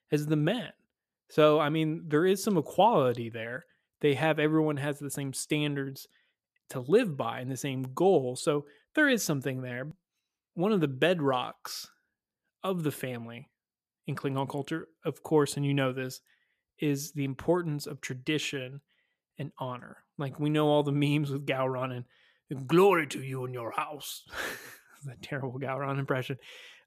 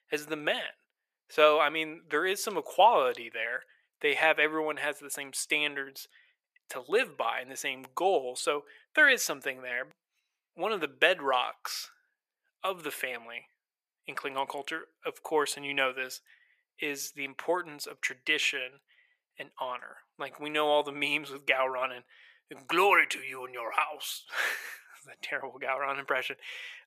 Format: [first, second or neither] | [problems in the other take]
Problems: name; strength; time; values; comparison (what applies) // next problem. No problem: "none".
first | thin; very; fading below 650 Hz